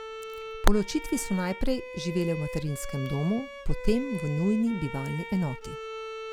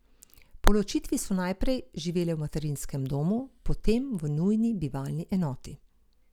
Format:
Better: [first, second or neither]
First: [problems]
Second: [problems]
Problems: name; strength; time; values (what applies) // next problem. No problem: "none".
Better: second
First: background sound (Bowed string instrument); 12 dB below the speech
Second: none